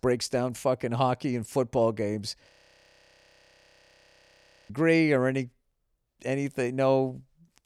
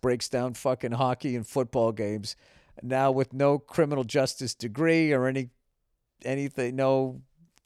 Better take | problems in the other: second | audio freezing; at 2.5 s for 2 s

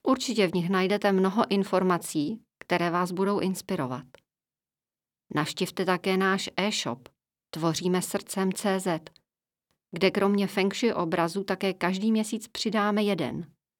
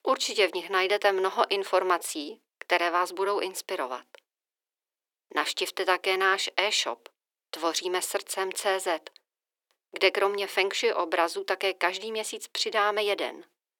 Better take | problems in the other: first | thin; very; fading below 400 Hz

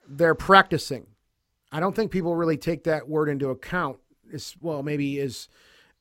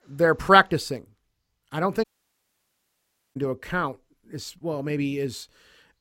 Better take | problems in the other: first | audio cutting out; at 2 s for 1.5 s

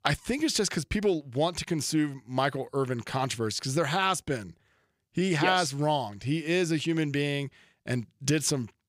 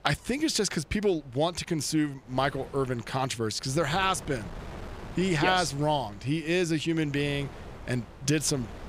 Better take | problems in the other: first | wind noise on the microphone; occasional gusts; 20 dB below the speech

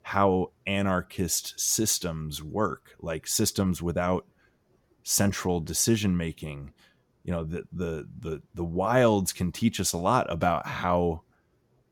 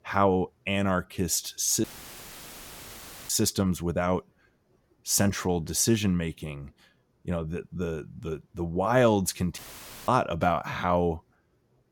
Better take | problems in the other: first | audio cutting out; filled with static; at 2 s for 1.5 s and at 9.5 s for 0.5 s

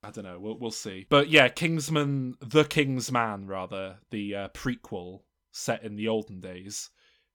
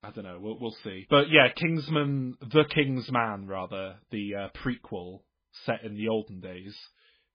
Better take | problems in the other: first | garbled, watery; badly; nothing above 5 kHz

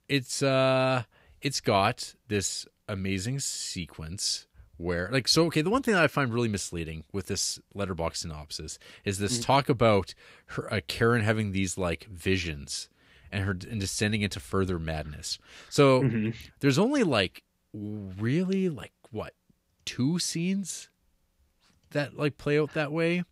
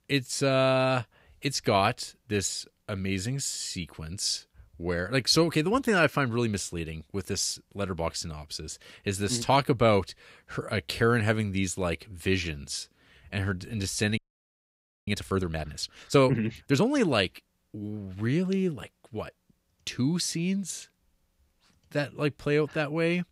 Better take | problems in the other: first | audio freezing; at 14 s for 1 s

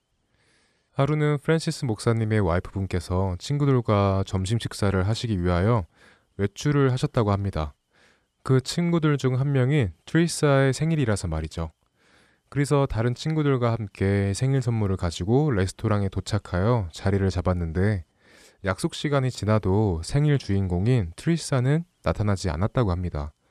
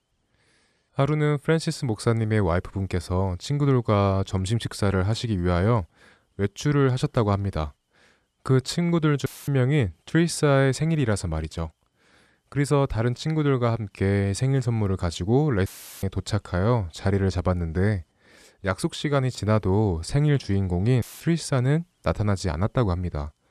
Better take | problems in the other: first | audio cutting out; filled with static; at 9.5 s, at 16 s and at 21 s

